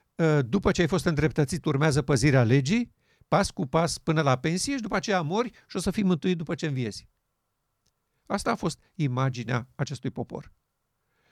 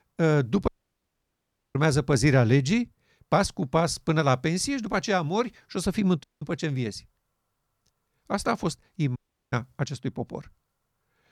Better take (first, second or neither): first